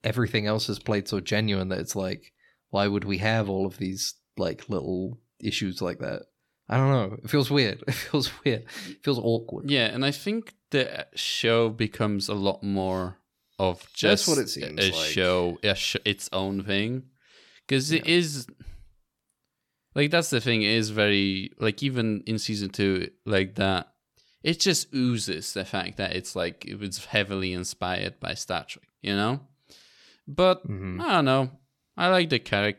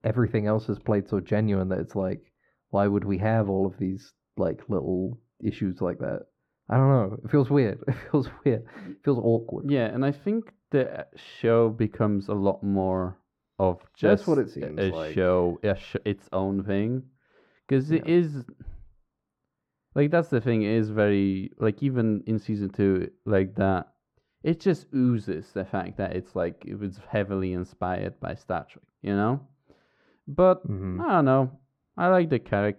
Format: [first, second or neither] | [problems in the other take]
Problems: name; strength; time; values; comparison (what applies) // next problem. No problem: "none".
first | muffled; very; fading above 2.5 kHz